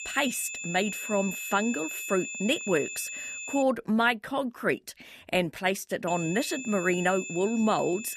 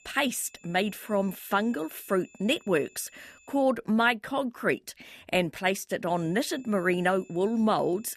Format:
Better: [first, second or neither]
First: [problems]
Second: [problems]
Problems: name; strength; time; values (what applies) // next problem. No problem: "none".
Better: second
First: high-pitched whine; loud; until 3.5 s and from 6 s on; 2.5 kHz, 7 dB below the speech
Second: high-pitched whine; faint; until 3.5 s and from 6 s on; 2.5 kHz, 30 dB below the speech